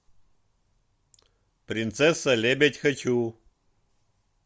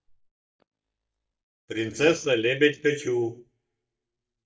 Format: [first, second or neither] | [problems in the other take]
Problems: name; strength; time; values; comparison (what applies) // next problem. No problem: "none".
first | noise reduction (neural mask model DeepFilterNet 3)